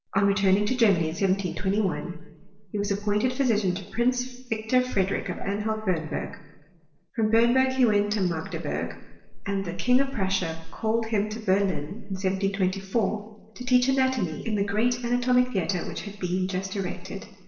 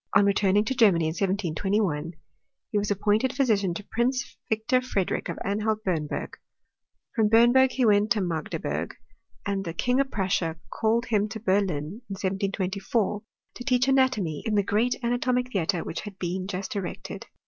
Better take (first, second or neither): second